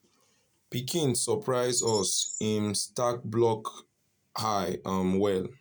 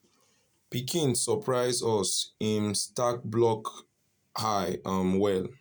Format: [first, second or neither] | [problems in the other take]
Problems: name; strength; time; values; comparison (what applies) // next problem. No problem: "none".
second | background sound (Bird); 9 dB below the speech